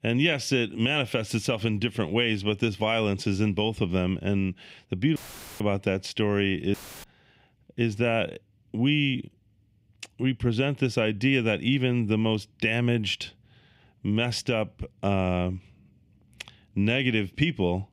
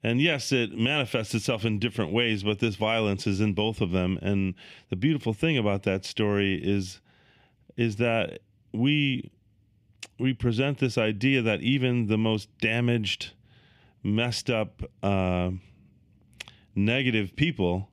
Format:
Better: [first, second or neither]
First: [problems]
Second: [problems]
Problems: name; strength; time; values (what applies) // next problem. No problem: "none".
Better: second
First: audio cutting out; filled with static; at 5 s and at 6.5 s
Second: none